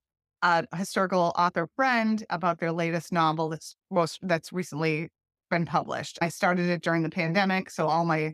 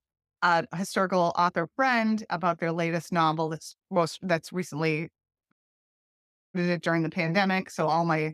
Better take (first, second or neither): first